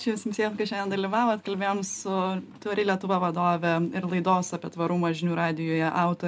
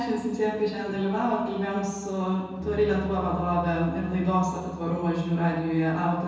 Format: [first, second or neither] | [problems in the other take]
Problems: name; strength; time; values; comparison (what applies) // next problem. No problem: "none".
first | background sound (Bass guitar); 17 dB below the speech // room echo; dies away in 1.2 s